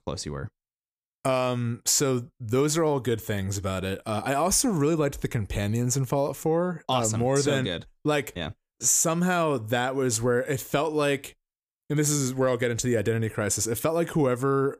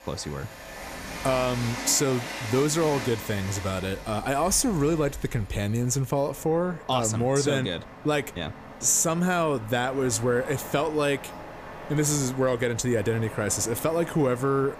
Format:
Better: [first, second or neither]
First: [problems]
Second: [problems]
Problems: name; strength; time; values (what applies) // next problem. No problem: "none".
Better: first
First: none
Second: train or aircraft noise; noticeable; throughout; 15 dB below the speech